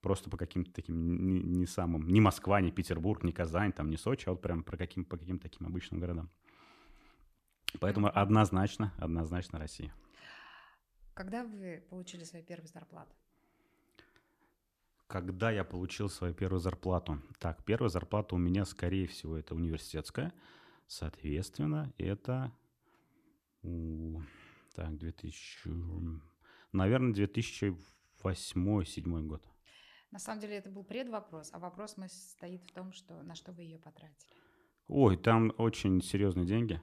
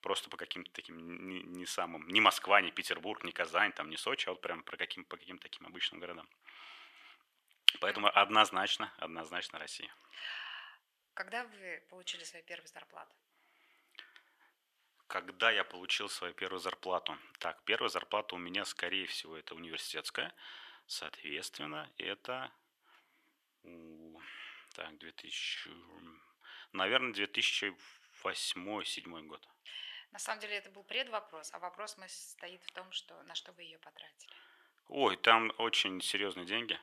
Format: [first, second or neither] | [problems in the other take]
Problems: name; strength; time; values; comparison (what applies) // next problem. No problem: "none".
first | thin; very; fading below 650 Hz